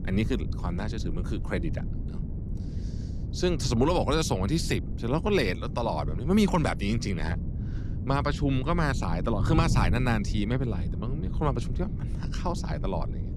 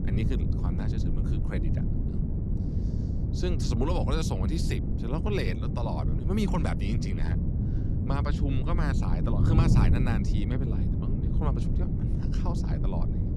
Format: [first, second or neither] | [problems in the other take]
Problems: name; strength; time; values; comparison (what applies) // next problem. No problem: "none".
first | wind noise on the microphone; heavy; 3 dB below the speech; occasional gusts in the first